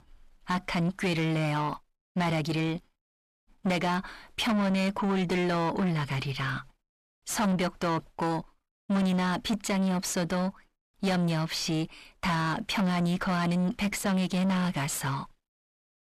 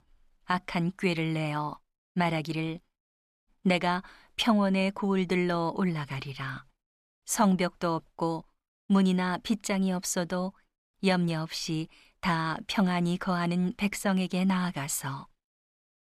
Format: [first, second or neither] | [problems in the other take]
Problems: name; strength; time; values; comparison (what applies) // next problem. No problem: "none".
second | distortion; heavy; 8 dB below the speech